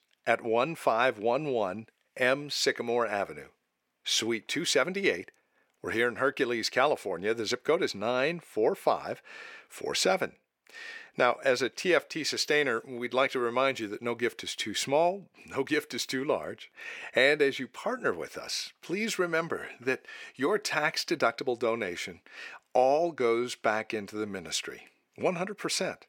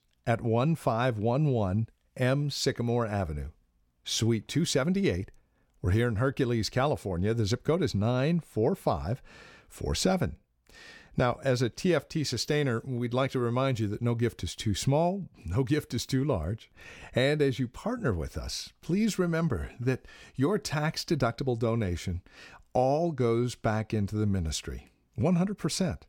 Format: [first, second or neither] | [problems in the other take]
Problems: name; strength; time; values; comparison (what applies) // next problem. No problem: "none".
second | thin; somewhat; fading below 400 Hz